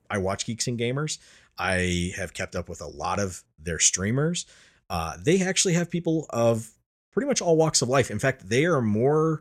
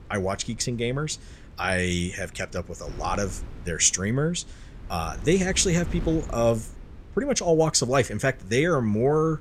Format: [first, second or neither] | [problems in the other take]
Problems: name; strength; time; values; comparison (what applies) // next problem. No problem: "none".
first | wind noise on the microphone; occasional gusts; 25 dB below the speech